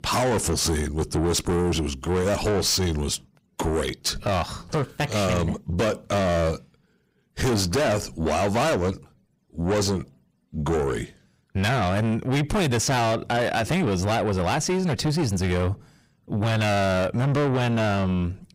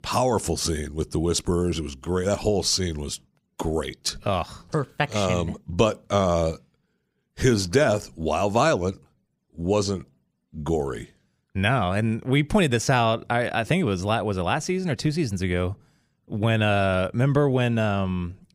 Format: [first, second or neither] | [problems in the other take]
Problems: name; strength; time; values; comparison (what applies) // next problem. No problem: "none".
second | distortion; heavy; 6 dB below the speech